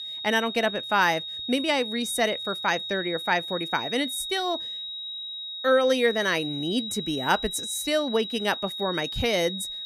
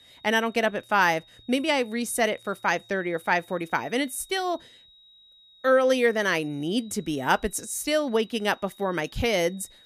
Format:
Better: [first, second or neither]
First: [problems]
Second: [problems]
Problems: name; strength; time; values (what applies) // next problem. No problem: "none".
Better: second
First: high-pitched whine; loud; throughout; 4 kHz, 6 dB below the speech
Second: high-pitched whine; faint; throughout; 4 kHz, 25 dB below the speech